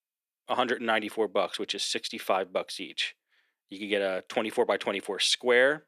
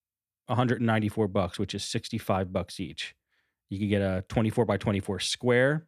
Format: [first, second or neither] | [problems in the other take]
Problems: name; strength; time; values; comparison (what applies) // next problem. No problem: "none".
second | thin; somewhat; fading below 350 Hz